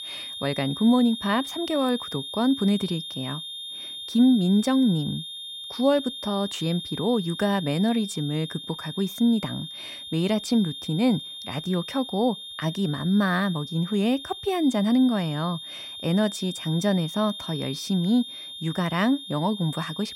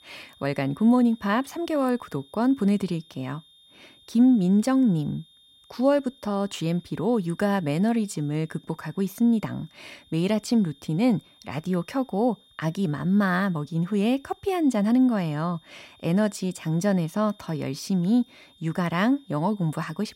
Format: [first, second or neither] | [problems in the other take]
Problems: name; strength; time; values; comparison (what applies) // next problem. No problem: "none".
second | high-pitched whine; loud; throughout; 3.5 kHz, 10 dB below the speech; faint in the second